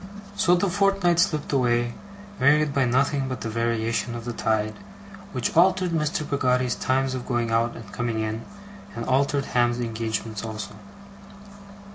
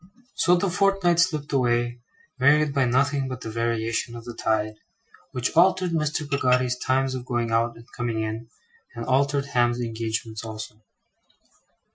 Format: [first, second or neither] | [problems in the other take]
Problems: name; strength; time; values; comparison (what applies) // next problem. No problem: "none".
first | noise reduction (classical method Wiener filter)